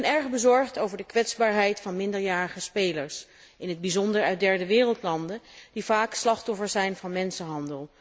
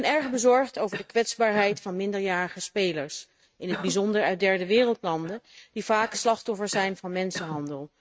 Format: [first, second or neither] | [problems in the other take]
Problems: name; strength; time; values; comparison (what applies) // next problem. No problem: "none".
first | noise reduction (neural mask model RNNoise)